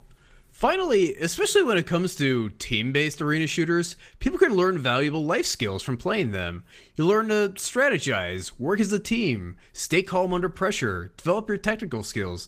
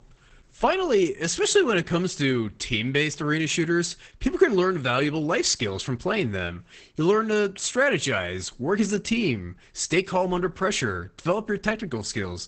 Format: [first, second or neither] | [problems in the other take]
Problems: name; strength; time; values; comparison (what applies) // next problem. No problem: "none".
first | garbled, watery; badly; nothing above 8 kHz; slightly in the first